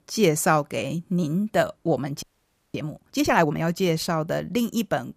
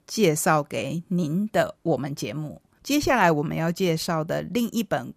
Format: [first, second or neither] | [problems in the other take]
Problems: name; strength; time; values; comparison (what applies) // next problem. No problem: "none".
second | audio freezing; at 2 s for 0.5 s